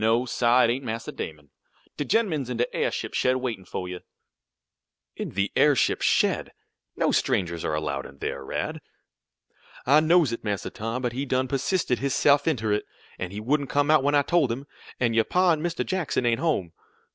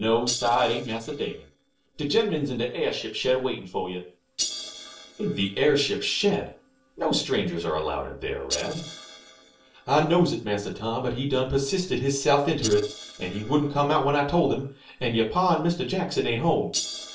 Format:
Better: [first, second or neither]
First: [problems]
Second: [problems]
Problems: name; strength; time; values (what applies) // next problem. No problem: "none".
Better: first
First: none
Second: noise reduction (neural separator model SepFormer DNS4)